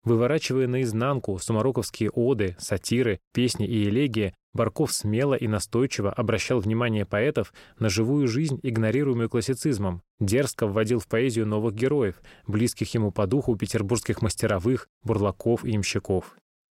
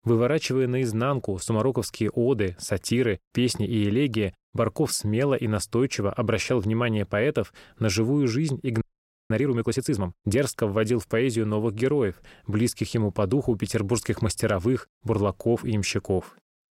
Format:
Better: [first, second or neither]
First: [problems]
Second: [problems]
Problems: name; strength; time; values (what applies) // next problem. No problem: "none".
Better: first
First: none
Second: audio freezing; at 9 s